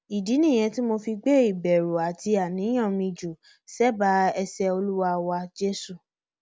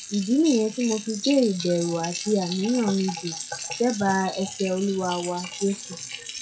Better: first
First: none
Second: noise reduction (classical method WPE with log-MMSE)

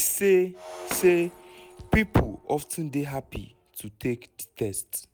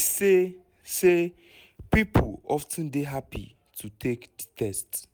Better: second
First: background sound (Shatter); 17 dB below the speech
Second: none

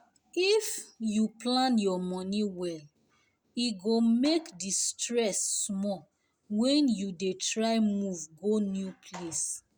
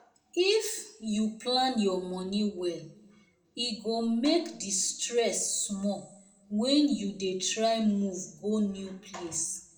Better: first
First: none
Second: room echo; dies away in 0.5 s

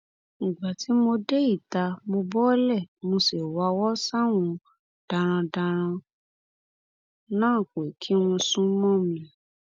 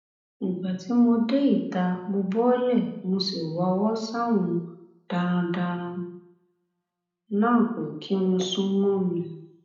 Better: first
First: none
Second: room echo; dies away in 0.7 s

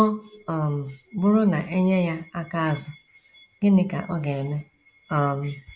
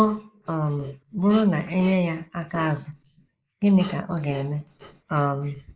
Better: first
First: none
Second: noise reduction (neural mask model Resemble Enhance denoiser)

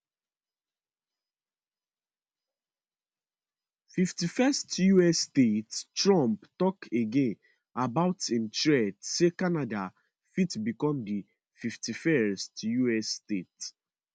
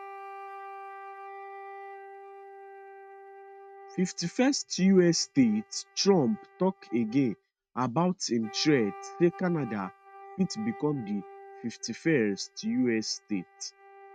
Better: first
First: none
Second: noise reduction (neural mask model RNNoise)

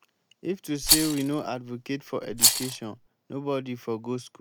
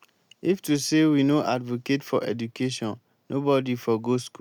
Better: second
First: background sound (Rattle); 4 dB above the speech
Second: none

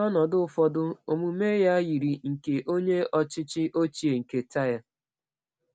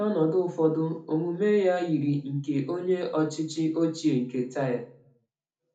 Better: first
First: none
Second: room echo; dies away in 0.4 s

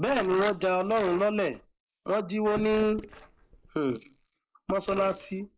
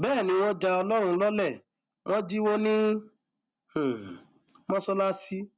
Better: second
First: noise reduction (neural mask model Resemble Enhance denoiser)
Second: none

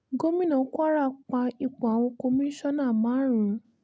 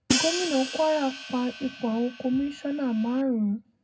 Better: first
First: none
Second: background sound (Hi-hat); 6 dB below the speech // room echo; dies away in 0.3 s

